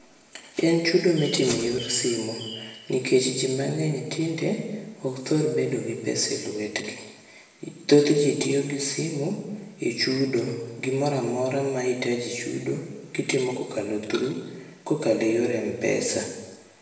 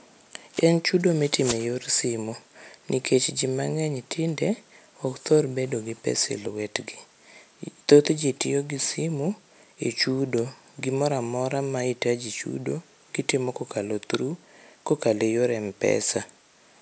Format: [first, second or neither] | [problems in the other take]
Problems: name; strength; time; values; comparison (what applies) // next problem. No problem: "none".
second | background sound (Bird); 15 dB below the speech // room echo; dies away in 1.1 s